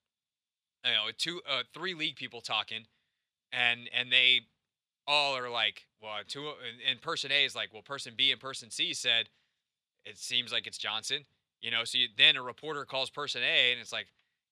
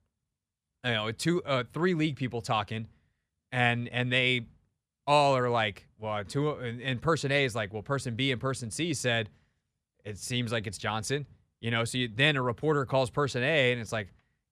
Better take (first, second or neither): second